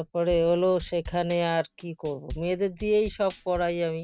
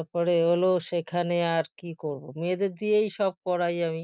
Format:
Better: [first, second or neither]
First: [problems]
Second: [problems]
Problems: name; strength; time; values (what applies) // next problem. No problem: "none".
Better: second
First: background sound (Drum / Drum kit); 17 dB below the speech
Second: none